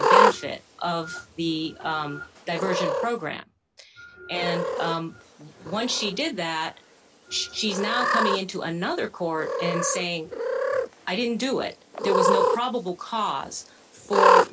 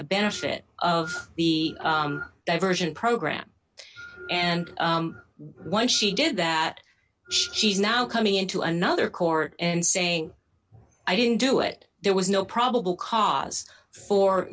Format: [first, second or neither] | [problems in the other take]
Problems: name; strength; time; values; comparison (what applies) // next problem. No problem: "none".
second | background sound (Cat); 2 dB above the speech